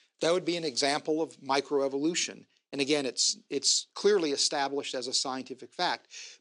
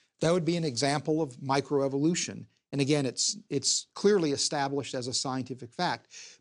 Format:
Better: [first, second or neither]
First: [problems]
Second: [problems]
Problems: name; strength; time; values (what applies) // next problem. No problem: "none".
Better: second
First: thin; very slightly; fading below 350 Hz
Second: none